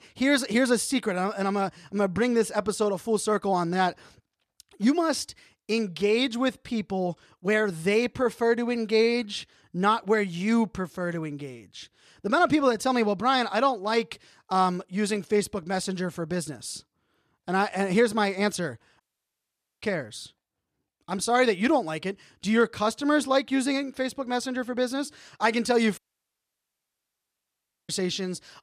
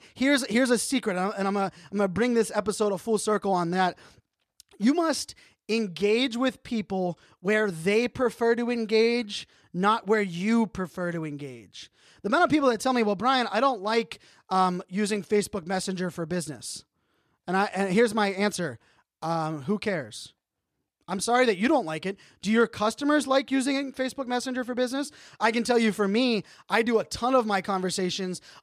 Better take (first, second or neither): second